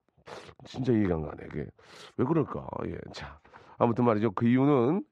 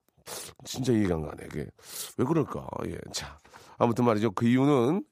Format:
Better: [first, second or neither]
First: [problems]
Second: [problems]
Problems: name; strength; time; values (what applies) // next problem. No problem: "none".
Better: second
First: muffled; slightly; fading above 2.5 kHz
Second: none